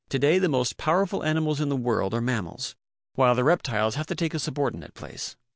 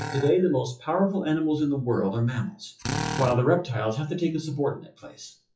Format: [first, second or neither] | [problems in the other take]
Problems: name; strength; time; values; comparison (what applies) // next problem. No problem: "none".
first | noise reduction (classical method WPE with log-MMSE)